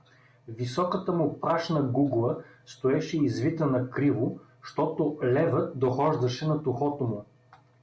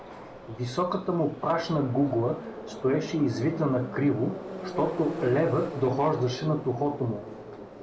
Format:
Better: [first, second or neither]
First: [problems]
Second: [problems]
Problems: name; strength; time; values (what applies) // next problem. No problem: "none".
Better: first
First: none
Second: background sound (Subway, metro, underground); 10 dB below the speech